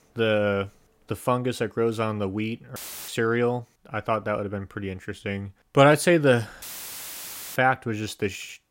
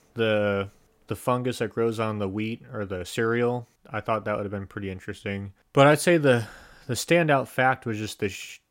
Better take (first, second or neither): second